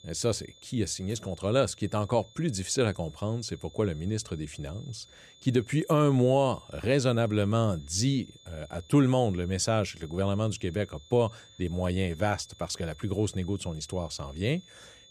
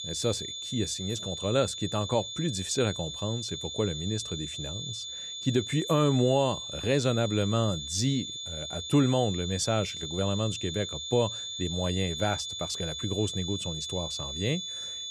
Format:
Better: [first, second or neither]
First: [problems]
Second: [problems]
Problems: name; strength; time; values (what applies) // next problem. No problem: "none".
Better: first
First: high-pitched whine; faint; throughout; 3.5 kHz, 25 dB below the speech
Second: high-pitched whine; loud; throughout; 3.5 kHz, 5 dB below the speech